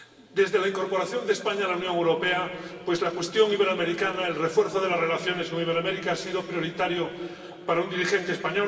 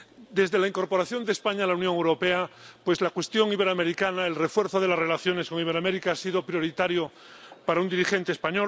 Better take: second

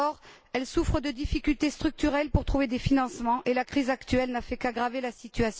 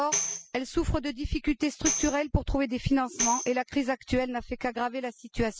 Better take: first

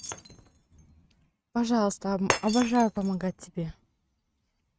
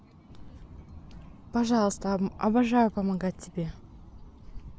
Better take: second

